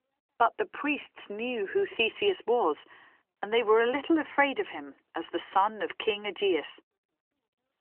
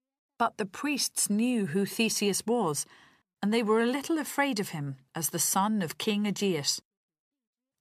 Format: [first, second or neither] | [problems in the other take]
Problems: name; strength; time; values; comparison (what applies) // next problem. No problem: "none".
second | phone-call audio; nothing above 3 kHz